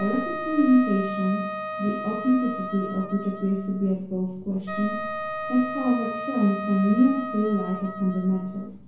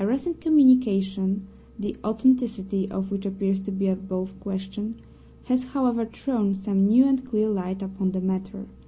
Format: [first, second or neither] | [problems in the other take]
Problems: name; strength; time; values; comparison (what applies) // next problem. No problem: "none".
second | background sound (Wind instrument, woodwind instrument); 8 dB below the speech // room echo; dies away in 0.6 s